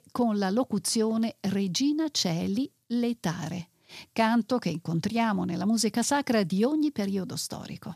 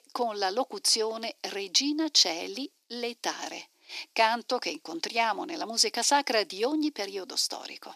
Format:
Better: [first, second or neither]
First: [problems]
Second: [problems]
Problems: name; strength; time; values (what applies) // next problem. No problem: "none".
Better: first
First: none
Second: thin; somewhat; fading below 300 Hz